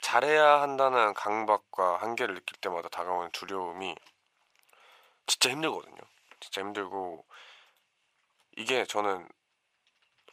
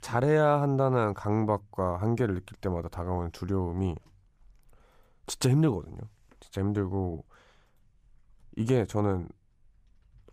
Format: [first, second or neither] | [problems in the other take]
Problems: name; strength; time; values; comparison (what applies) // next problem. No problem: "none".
second | thin; very; fading below 750 Hz